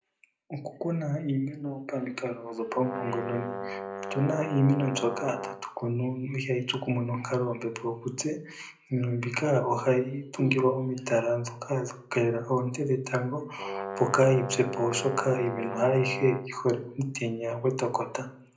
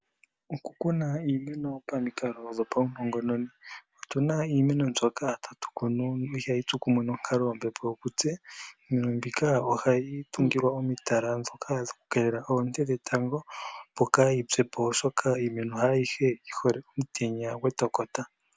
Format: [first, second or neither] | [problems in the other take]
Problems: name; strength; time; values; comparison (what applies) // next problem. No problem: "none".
second | background sound (Brass instrument); 8 dB below the speech // room echo; dies away in 0.4 s